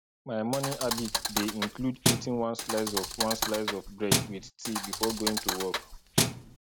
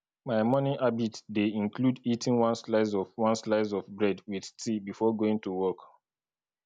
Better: second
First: background sound (Thump, thud); 2 dB above the speech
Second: none

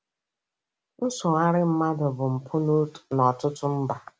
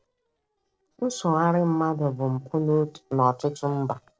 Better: first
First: none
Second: noise reduction (neural separator model SepFormer DNS4)

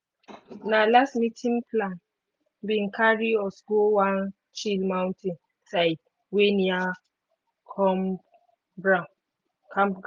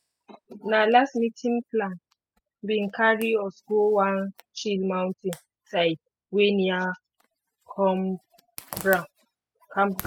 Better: first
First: none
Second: noise reduction (classical method spectral subtraction)

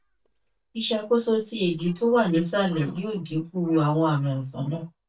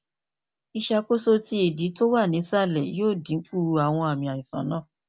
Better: second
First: noise reduction (neural mask model DeepFilterNet 3)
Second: none

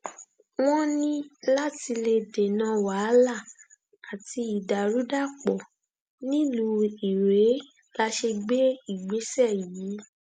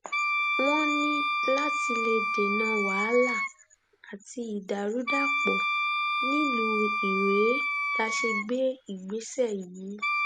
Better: first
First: none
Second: background sound (Wind instrument, woodwind instrument); 1 dB above the speech

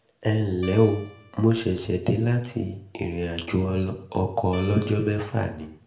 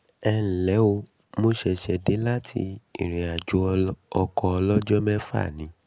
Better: second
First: background sound (Guitar); 20 dB below the speech // room echo; dies away in 0.5 s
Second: none

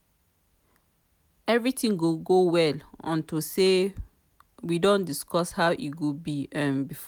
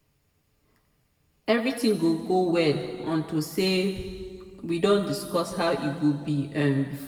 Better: first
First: none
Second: room echo; dies away in 1.7 s

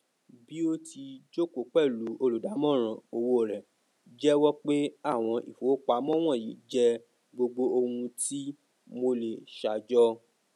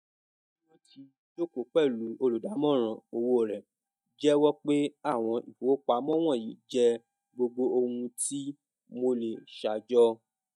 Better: first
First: none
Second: noise reduction (neural mask model DeepFilterNet 3)

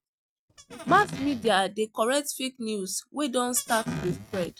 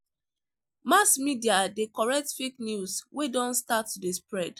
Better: second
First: noise reduction (neural mask model RNNoise)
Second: none

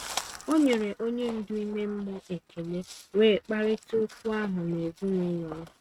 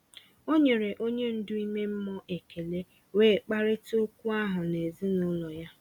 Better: second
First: noise reduction (neural mask model RNNoise)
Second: none

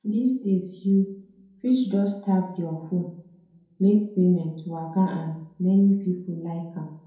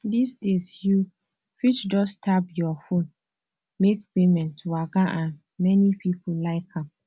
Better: second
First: room echo; dies away in 2.6 s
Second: none

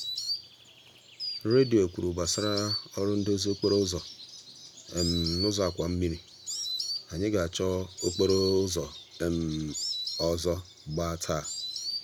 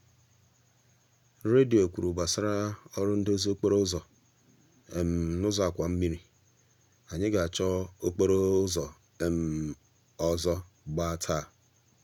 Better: second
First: background sound (Insect); 8 dB below the speech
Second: none

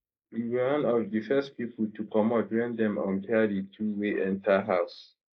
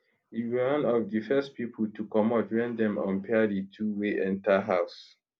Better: second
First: noise reduction (neural mask model Resemble Enhance denoiser)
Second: none

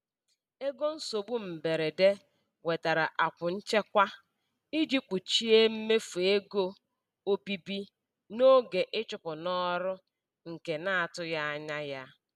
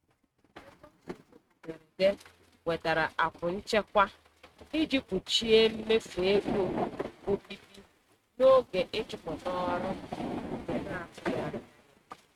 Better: first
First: none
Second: noise reduction (neural mask model RNNoise)

